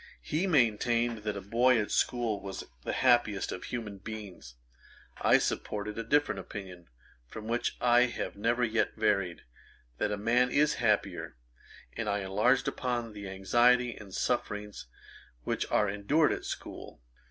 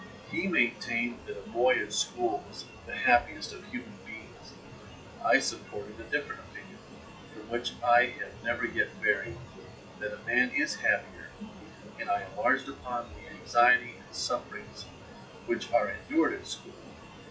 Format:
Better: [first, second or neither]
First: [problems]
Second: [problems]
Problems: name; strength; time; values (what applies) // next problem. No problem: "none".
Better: first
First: none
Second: noise reduction (classical method WPE with log-MMSE)